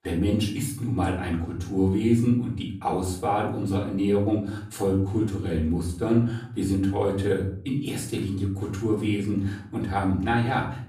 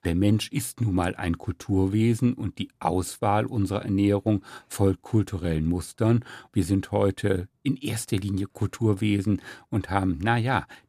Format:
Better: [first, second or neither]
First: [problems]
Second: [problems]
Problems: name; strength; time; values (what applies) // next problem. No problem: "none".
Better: second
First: room echo; slight; dies away in 0.5 s // off-mic speech; far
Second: none